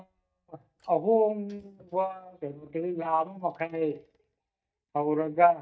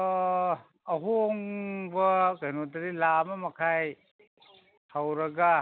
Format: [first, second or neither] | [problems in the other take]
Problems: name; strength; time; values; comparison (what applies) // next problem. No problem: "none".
second | noise reduction (neural mask model DeepFilterNet 3)